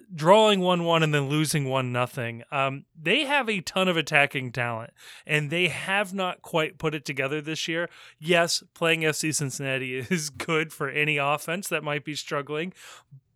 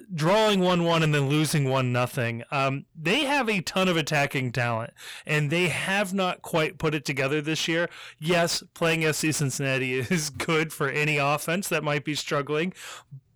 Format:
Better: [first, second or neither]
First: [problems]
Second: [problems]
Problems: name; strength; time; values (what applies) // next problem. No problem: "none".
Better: first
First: none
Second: distortion; heavy; 7 dB below the speech